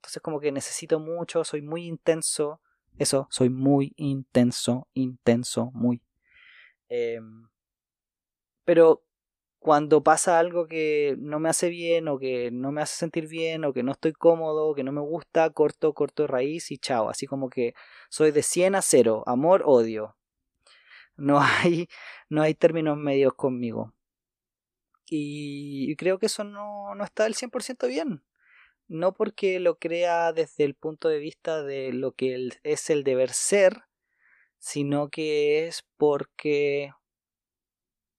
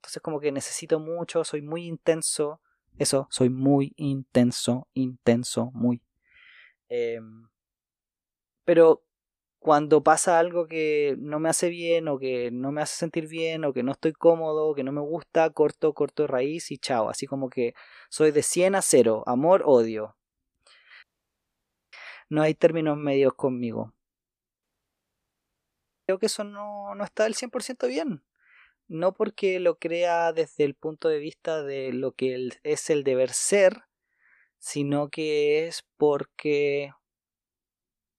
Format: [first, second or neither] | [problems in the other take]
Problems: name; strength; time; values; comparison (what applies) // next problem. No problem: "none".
first | audio cutting out; at 21 s for 1 s and at 25 s for 1.5 s